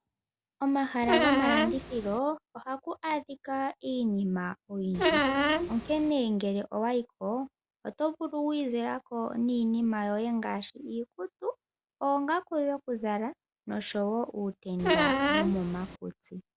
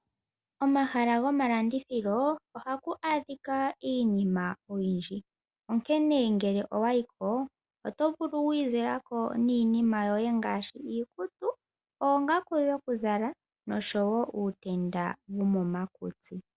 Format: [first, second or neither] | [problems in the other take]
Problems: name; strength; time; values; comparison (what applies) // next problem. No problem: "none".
second | background sound (Squeak); 4 dB above the speech